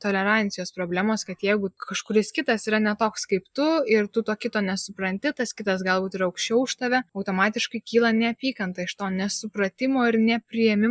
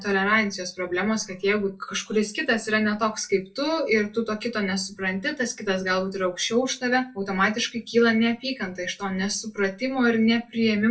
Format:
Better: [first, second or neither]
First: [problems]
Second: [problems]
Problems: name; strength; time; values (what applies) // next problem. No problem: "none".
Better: first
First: none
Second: room echo; dies away in 0.2 s